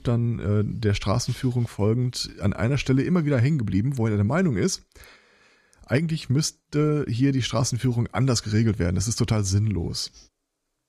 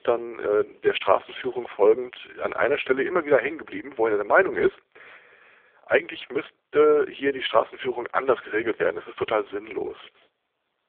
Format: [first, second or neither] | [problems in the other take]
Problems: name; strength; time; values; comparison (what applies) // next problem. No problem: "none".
first | phone-call audio; poor line